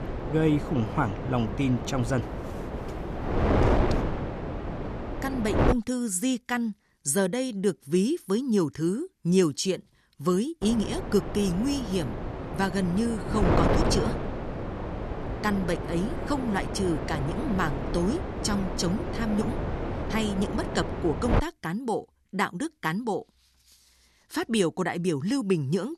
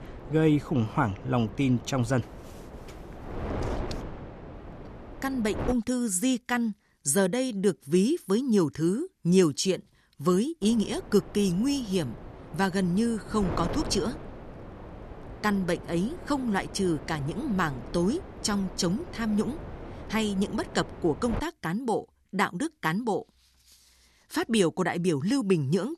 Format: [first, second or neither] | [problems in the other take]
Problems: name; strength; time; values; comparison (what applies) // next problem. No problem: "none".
second | wind noise on the microphone; heavy; until 5.5 s and from 11 to 21 s; 3 dB below the speech; occasional gusts in the second